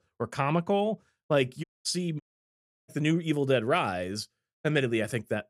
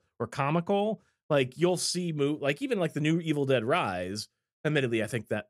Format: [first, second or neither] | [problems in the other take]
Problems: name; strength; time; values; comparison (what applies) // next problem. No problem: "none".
second | audio cutting out; at 1.5 s and at 2 s for 0.5 s